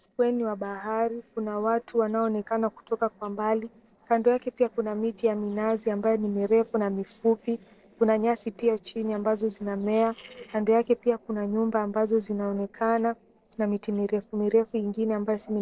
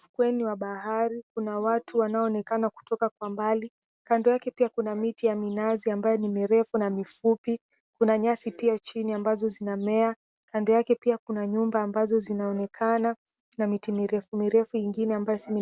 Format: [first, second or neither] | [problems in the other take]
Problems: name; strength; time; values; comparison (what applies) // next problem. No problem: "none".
second | noise reduction (neural separator model SepFormer DNS4)